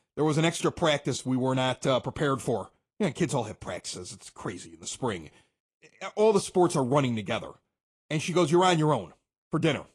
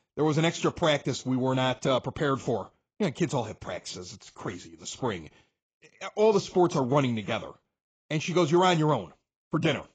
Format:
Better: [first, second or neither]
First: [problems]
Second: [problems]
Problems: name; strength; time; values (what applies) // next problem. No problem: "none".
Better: first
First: garbled, watery; slightly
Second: garbled, watery; badly; nothing above 7.5 kHz